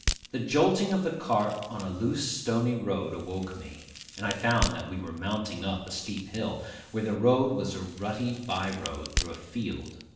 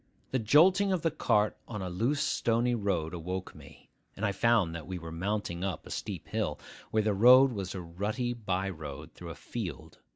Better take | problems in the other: second | background sound (Crack); 9 dB below the speech // room echo; dies away in 0.9 s

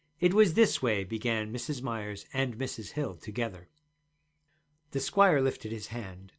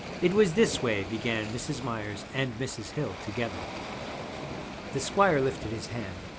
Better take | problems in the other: first | background sound (Waves, surf); 9 dB below the speech

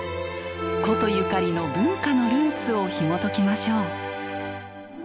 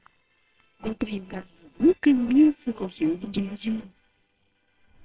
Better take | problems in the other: first | noise reduction (neural separator model SepFormer WHAMR!)

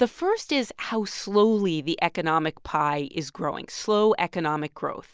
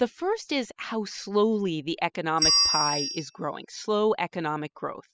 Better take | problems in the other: first | noise reduction (classical method spectral subtraction)

